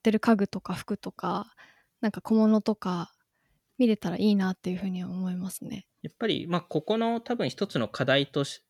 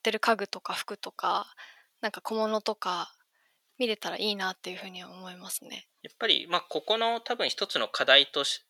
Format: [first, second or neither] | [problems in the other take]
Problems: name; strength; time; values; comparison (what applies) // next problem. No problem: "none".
first | thin; very; fading below 650 Hz